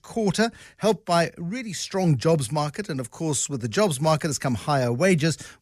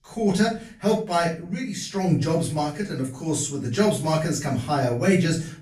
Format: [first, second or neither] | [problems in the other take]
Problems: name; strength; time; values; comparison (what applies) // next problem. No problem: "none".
first | room echo; slight; dies away in 0.3 s // off-mic speech; far